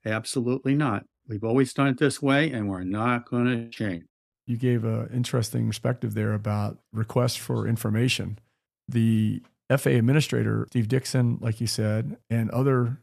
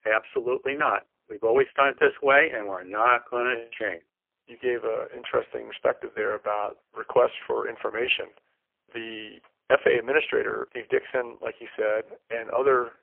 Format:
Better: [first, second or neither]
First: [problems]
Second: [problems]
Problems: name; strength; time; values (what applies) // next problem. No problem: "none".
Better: first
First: none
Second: phone-call audio; poor line; nothing above 3 kHz